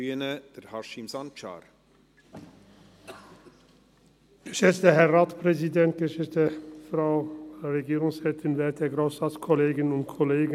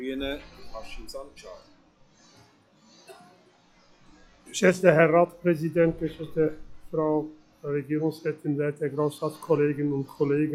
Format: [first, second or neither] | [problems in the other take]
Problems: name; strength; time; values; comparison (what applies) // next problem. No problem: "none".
first | noise reduction (classical method log-MMSE)